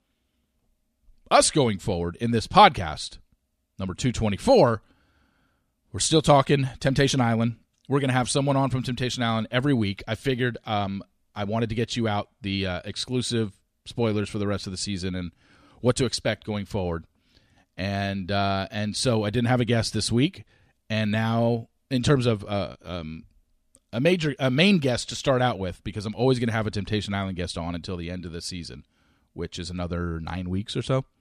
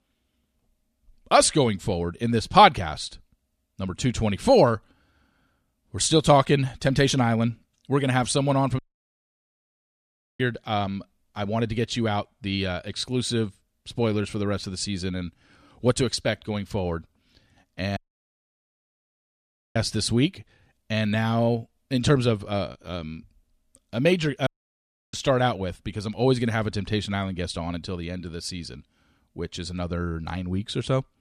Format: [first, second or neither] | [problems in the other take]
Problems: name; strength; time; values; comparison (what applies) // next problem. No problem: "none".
first | audio cutting out; at 9 s for 1.5 s, at 18 s for 2 s and at 24 s for 0.5 s